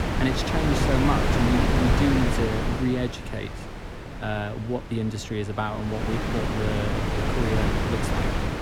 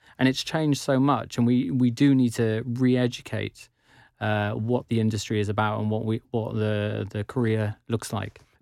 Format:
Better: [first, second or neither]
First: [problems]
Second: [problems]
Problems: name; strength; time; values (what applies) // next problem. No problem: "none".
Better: second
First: wind noise on the microphone; heavy; 3 dB above the speech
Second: none